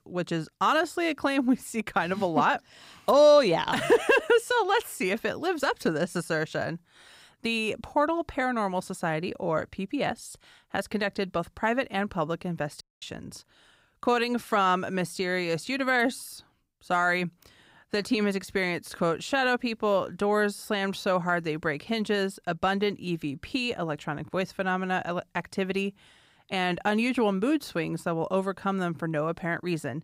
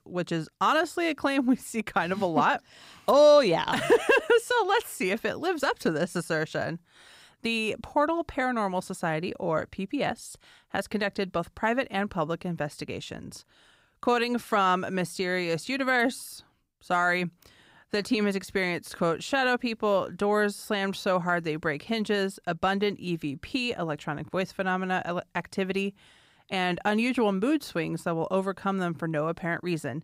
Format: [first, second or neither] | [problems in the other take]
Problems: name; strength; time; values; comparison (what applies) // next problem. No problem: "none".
second | audio cutting out; at 13 s